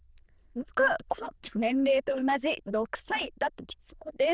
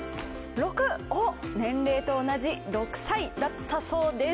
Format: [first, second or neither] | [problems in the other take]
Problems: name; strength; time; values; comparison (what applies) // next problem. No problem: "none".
second | noise reduction (neural diffusion model UNIVERSE++)